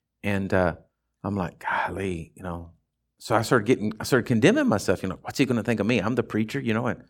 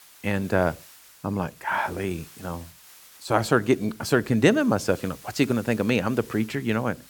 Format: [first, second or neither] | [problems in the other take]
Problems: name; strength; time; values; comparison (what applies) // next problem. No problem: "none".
first | hiss; faint; throughout; 20 dB below the speech